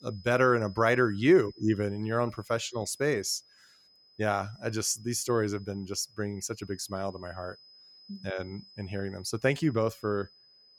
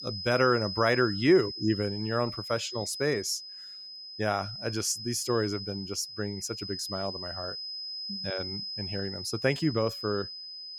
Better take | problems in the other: first | high-pitched whine; loud; throughout; 5 kHz, 7 dB below the speech; faint in the first

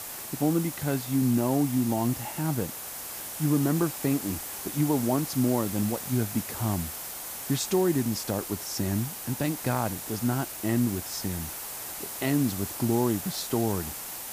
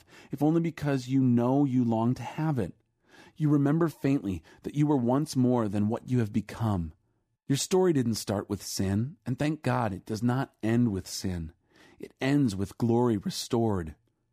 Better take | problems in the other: second | hiss; loud; throughout; 6 dB below the speech

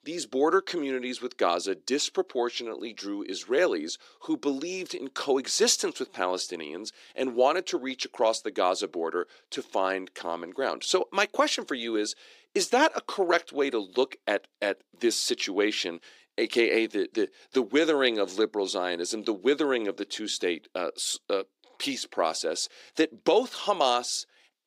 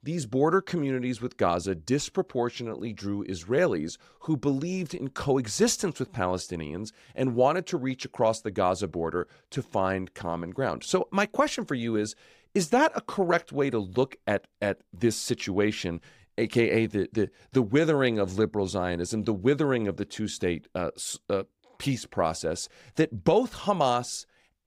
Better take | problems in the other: second | thin; very slightly; fading below 300 Hz

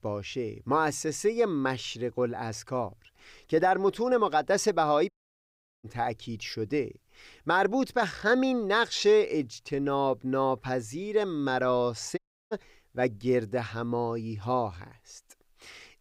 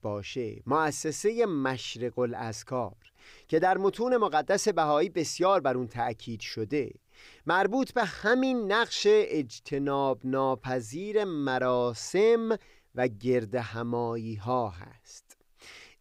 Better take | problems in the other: second | audio cutting out; at 5 s for 0.5 s and at 12 s

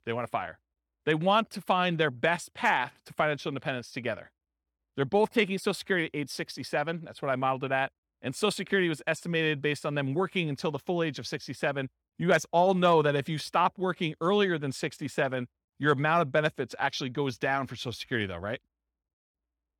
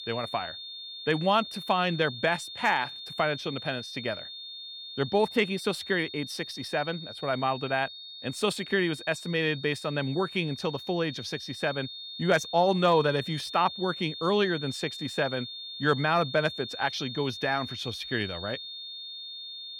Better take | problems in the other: first | high-pitched whine; loud; throughout; 3.5 kHz, 10 dB below the speech

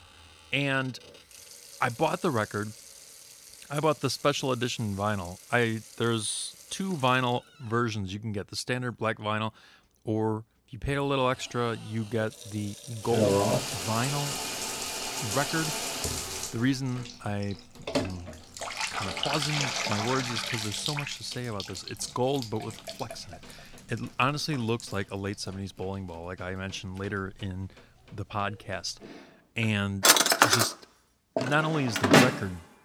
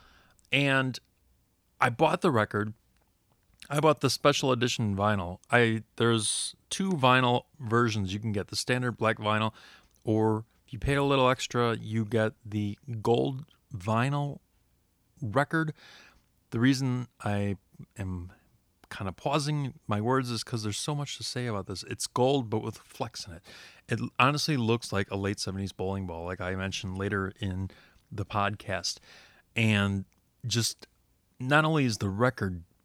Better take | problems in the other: second | household noises; very loud; throughout; 3 dB above the speech

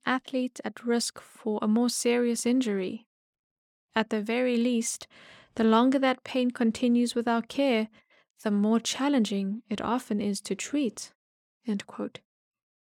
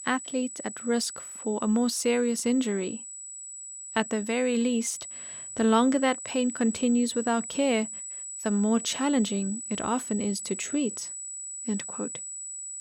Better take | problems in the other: first | high-pitched whine; loud; throughout; 8 kHz, 9 dB below the speech

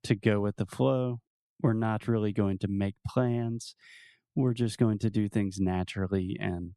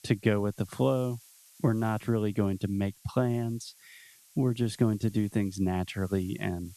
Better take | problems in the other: first | hiss; faint; throughout; 25 dB below the speech

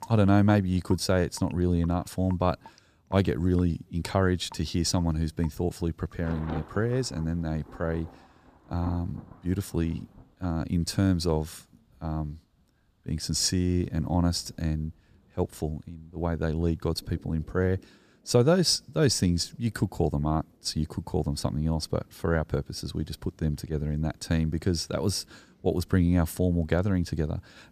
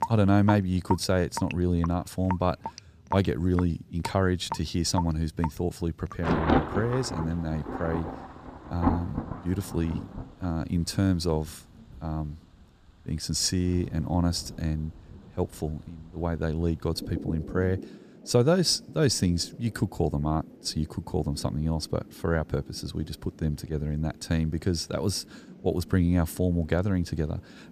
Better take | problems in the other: first | rain or running water; loud; throughout; 8 dB below the speech; faint in the first

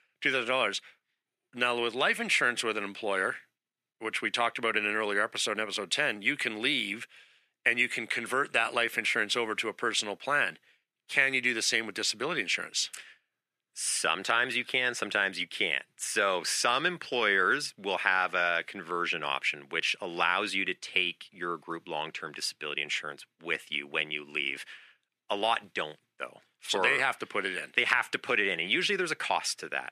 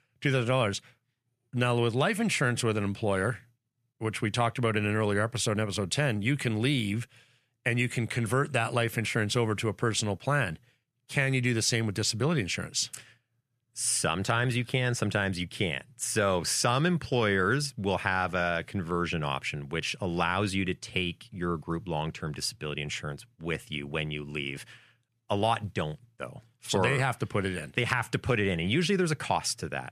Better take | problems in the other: second | thin; very; fading below 300 Hz

